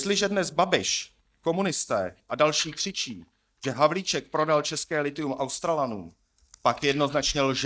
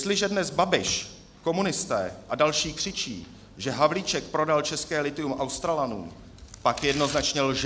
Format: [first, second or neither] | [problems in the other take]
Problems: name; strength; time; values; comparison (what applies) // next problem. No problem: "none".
second | noise reduction (neural mask model DeepFilterNet 3)